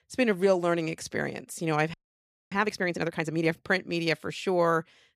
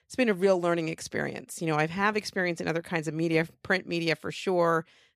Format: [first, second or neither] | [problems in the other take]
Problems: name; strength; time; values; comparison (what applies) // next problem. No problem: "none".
second | audio freezing; at 2 s for 0.5 s